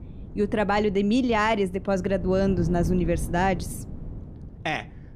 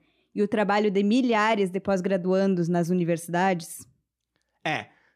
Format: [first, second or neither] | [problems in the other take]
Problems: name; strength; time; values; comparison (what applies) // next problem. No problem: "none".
second | wind noise on the microphone; occasional gusts; 20 dB below the speech